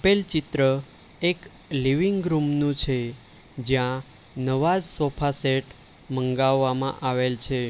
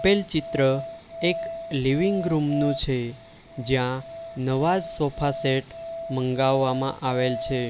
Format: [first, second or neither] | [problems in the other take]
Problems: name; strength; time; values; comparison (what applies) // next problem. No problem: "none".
first | background sound (Musical instrument); 10 dB below the speech